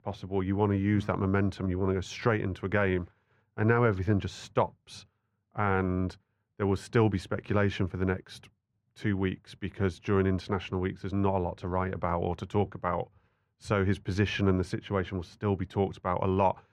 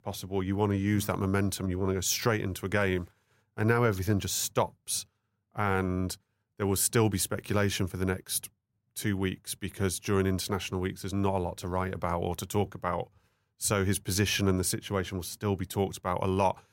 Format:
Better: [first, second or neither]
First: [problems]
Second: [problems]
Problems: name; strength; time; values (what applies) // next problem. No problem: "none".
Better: second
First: muffled; very; fading above 2.5 kHz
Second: none